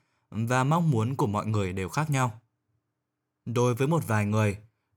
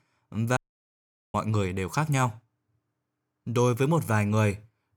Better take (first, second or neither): first